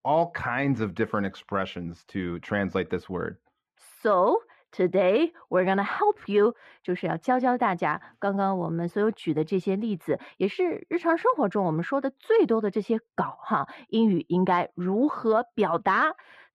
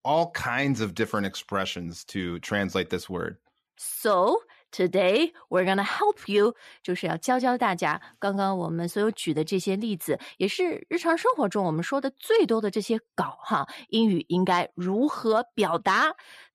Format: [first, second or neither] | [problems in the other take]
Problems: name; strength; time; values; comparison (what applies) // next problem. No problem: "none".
second | muffled; slightly; fading above 3.5 kHz